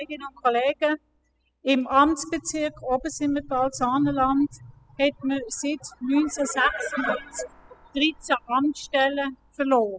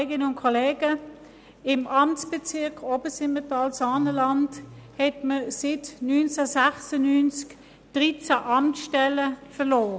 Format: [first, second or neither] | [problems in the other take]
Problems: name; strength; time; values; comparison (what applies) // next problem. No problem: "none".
second | noise reduction (classical method spectral subtraction)